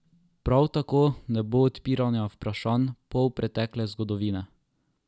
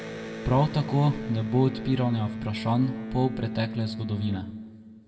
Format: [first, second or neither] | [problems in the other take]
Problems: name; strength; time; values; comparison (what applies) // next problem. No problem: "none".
first | background sound (Electric guitar); 9 dB below the speech // room echo; dies away in 1.5 s